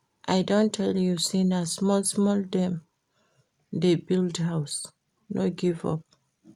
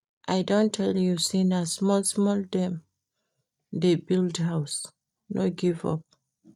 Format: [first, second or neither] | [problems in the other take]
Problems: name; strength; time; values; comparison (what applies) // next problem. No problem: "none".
first | noise reduction (neural mask model DeepFilterNet 3)